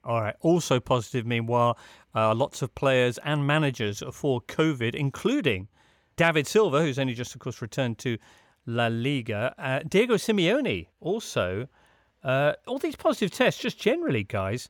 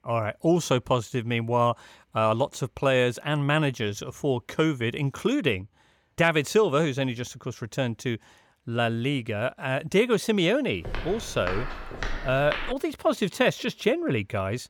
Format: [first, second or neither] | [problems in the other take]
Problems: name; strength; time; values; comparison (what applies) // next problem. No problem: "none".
first | footsteps; noticeable; from 11 to 13 s; peak 7 dB below the speech